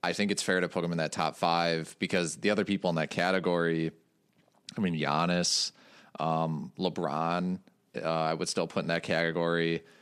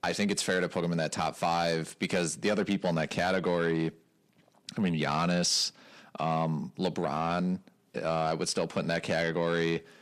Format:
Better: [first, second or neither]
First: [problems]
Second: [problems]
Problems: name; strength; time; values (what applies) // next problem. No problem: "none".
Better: first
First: none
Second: distortion; slight; 10 dB below the speech